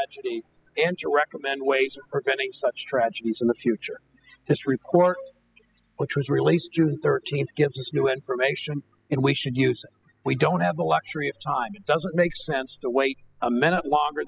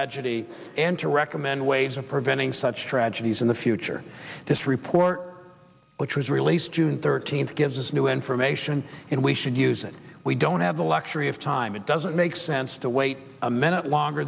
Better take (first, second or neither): second